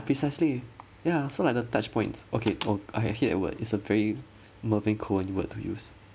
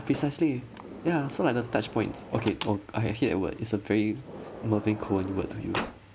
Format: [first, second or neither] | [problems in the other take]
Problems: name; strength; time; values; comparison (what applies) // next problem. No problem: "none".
first | background sound (Sliding door); 12 dB below the speech